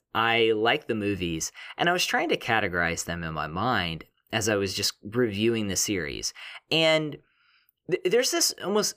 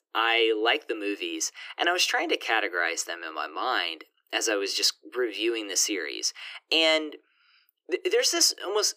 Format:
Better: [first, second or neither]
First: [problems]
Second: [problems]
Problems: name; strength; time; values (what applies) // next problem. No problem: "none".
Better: first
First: none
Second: thin; very; fading below 300 Hz